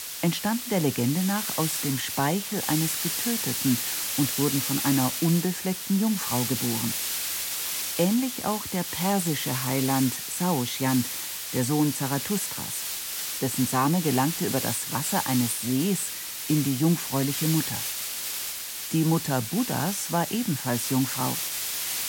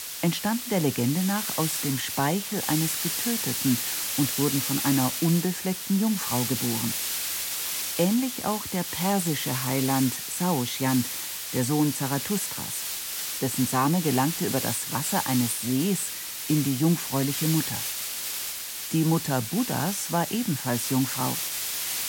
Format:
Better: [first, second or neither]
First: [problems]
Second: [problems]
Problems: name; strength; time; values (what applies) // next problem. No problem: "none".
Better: neither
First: hiss; loud; throughout; 2 dB below the speech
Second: hiss; loud; throughout; 2 dB below the speech